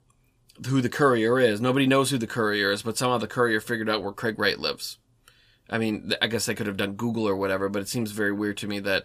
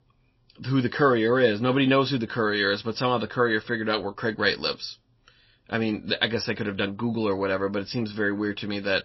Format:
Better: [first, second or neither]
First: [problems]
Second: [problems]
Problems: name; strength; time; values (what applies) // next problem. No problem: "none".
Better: first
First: none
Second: garbled, watery; slightly; nothing above 5.5 kHz